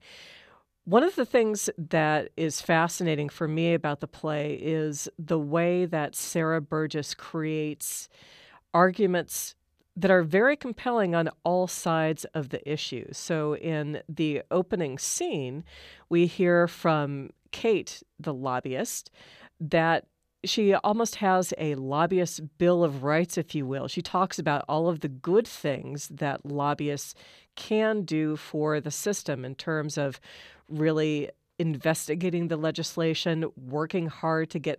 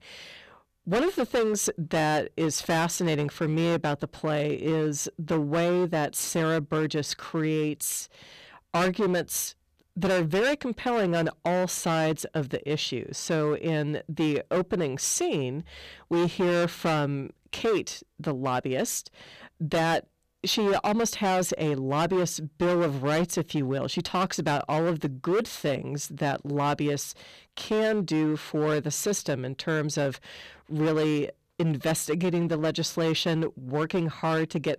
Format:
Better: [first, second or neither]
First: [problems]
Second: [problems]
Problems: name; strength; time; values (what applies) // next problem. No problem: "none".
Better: first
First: none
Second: distortion; heavy; 13% of the sound clipped